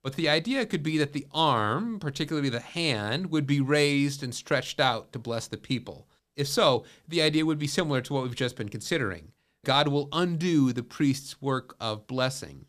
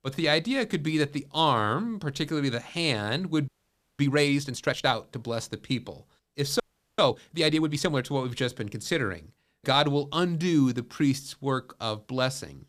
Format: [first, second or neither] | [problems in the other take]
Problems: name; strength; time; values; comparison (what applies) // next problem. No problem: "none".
first | audio freezing; at 3.5 s for 0.5 s and at 6.5 s